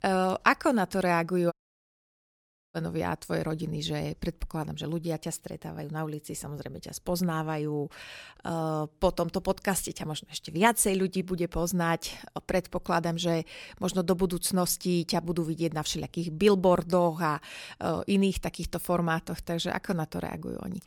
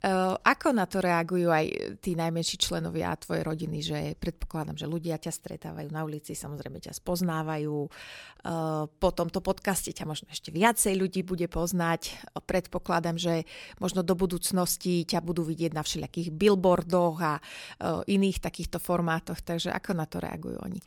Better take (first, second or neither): second